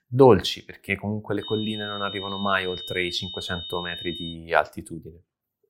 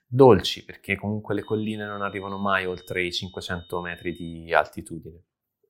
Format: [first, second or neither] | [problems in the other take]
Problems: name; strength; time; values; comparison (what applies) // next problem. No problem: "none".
second | high-pitched whine; loud; from 1.5 to 4.5 s; 3.5 kHz, 8 dB below the speech; faint in the second